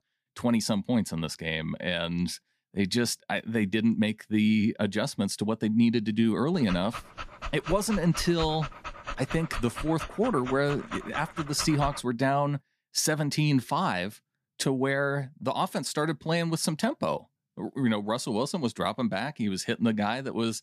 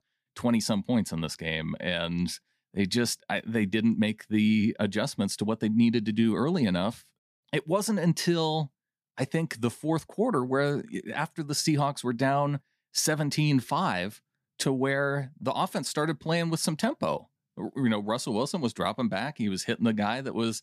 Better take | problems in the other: second | dog barking; noticeable; from 6.5 to 12 s; peak 9 dB below the speech

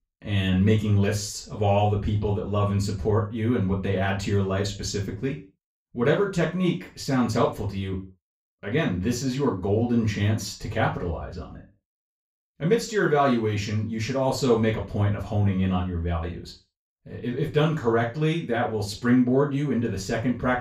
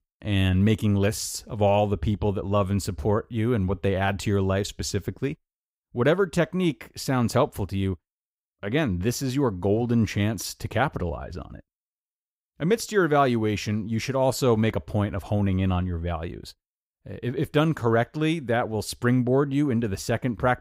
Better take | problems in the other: second | room echo; slight; dies away in 0.3 s // off-mic speech; far

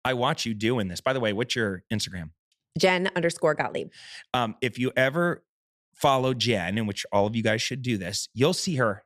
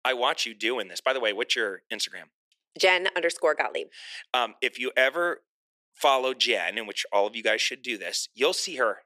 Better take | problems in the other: first | thin; very; fading below 350 Hz

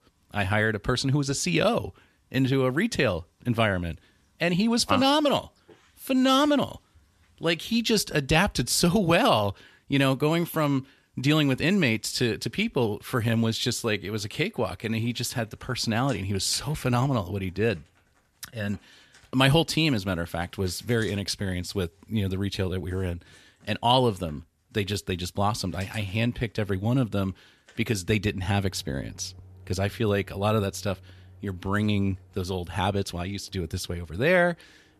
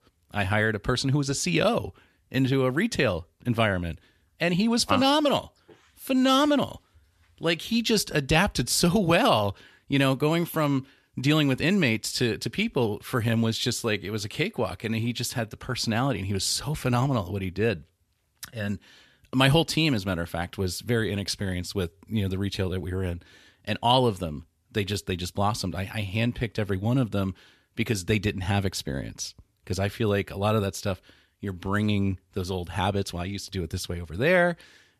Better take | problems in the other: second | household noises; faint; throughout; 25 dB below the speech

